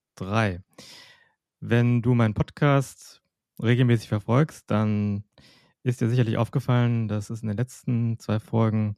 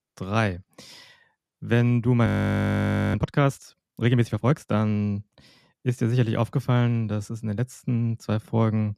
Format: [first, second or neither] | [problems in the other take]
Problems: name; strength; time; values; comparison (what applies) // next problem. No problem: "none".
first | audio freezing; at 2.5 s for 1 s